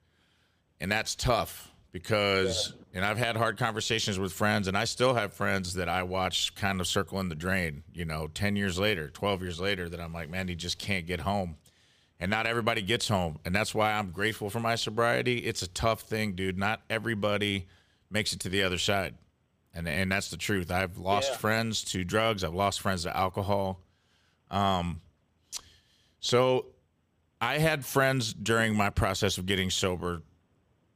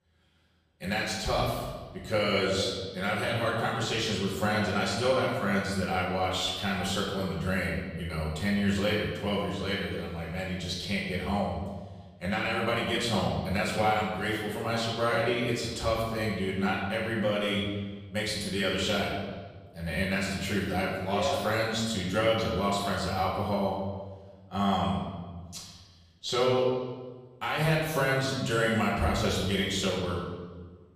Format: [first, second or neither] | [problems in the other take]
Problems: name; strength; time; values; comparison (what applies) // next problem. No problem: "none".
first | off-mic speech; far // room echo; noticeable; dies away in 1.3 s